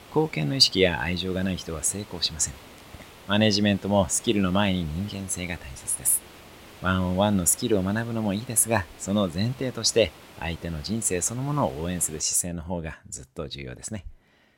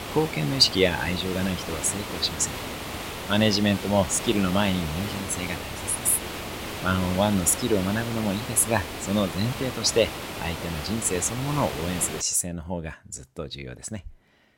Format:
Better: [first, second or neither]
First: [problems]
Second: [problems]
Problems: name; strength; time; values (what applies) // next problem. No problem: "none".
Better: first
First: hiss; faint; until 12 s; 20 dB below the speech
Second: hiss; loud; until 12 s; 8 dB below the speech